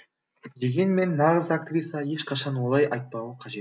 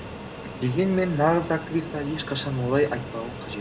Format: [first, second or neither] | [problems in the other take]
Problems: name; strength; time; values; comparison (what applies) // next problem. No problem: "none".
first | background sound (Fixed-wing aircraft, airplane); 11 dB below the speech